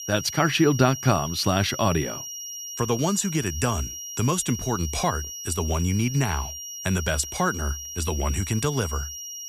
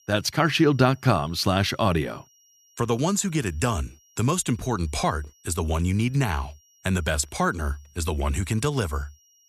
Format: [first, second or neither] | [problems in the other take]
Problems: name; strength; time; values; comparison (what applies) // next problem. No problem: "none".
second | high-pitched whine; loud; throughout; 5.5 kHz, 8 dB below the speech; faint in the second